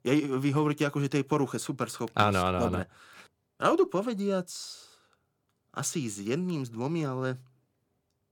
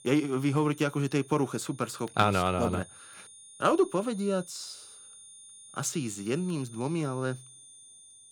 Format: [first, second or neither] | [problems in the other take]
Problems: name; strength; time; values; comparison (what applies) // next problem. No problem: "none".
first | high-pitched whine; noticeable; throughout; 9 kHz, 20 dB below the speech